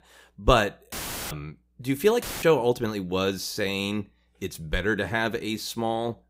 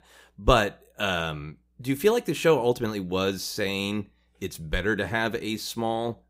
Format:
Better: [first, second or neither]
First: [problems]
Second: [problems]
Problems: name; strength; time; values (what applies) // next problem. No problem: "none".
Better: second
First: audio cutting out; filled with static; at 1 s and at 2 s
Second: none